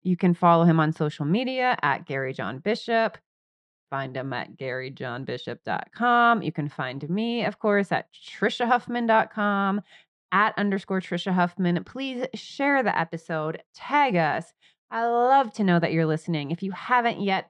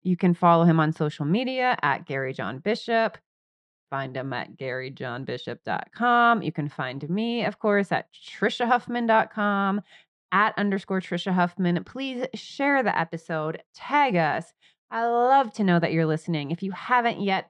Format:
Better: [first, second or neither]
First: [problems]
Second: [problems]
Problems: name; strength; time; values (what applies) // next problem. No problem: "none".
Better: neither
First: muffled; slightly; fading above 2.5 kHz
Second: muffled; slightly; fading above 2.5 kHz